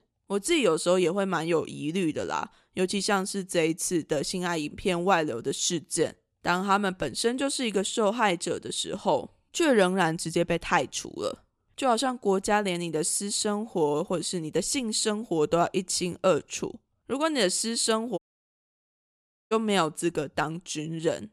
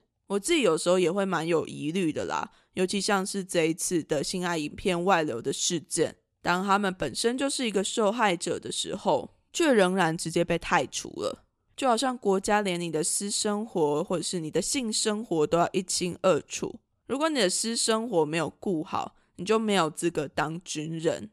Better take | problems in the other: second | audio cutting out; at 18 s for 1.5 s

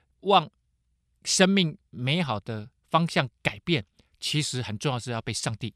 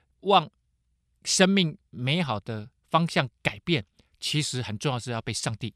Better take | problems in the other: neither | none

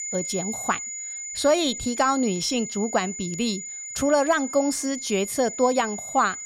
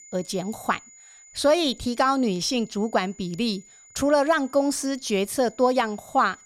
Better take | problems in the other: second | high-pitched whine; loud; throughout; 7 kHz, 7 dB below the speech; faint in the second

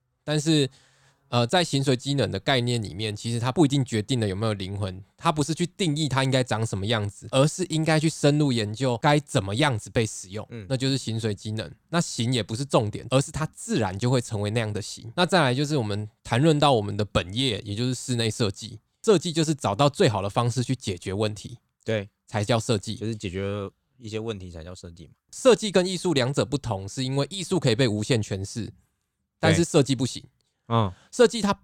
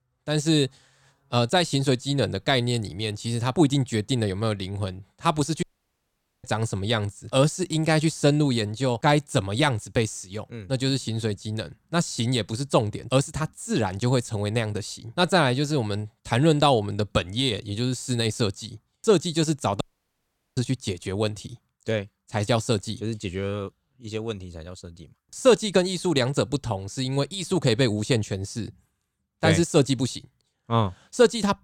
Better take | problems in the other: first | audio cutting out; at 5.5 s for 1 s and at 20 s for 1 s

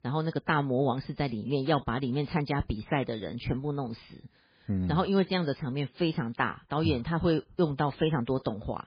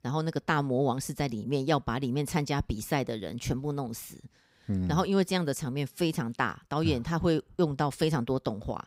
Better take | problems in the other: second | garbled, watery; badly; nothing above 4 kHz

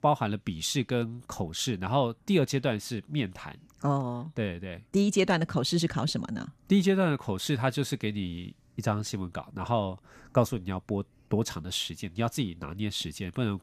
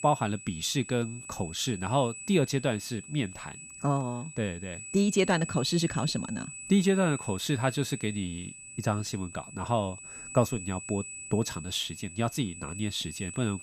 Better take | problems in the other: first | high-pitched whine; noticeable; throughout; 8 kHz, 10 dB below the speech

